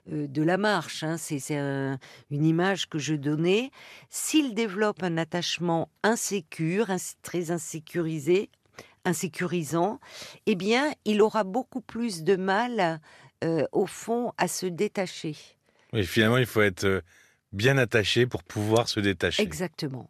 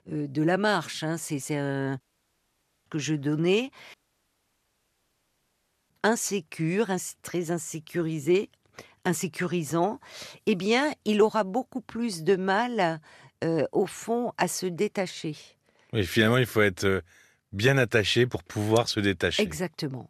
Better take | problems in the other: first | audio cutting out; at 2 s for 1 s and at 4 s for 2 s

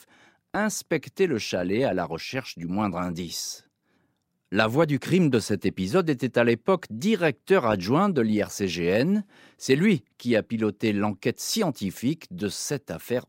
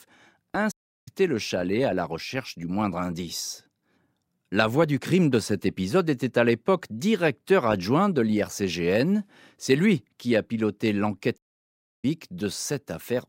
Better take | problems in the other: first | audio cutting out; at 0.5 s and at 11 s for 0.5 s

